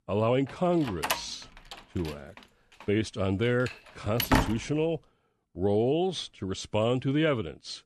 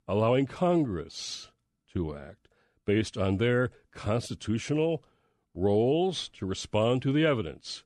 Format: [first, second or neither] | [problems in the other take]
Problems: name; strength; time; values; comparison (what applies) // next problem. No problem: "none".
second | door banging; loud; from 1 to 4.5 s; peak 4 dB above the speech